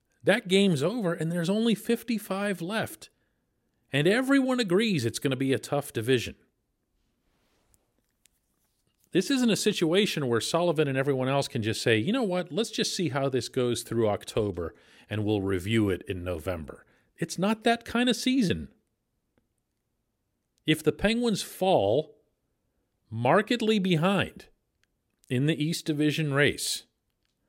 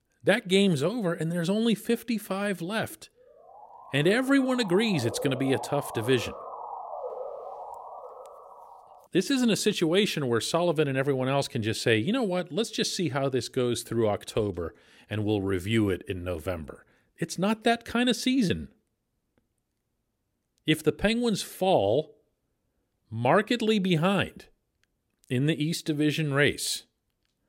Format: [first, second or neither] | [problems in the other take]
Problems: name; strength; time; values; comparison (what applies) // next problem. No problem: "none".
first | siren; noticeable; from 3.5 to 9 s; peak 9 dB below the speech